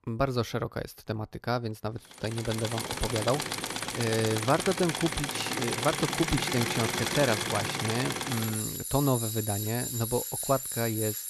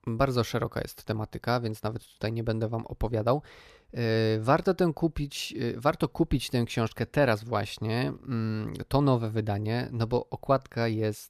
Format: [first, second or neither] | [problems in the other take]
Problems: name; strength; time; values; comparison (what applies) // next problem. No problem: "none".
second | machinery noise; loud; from 2.5 s on; 1 dB below the speech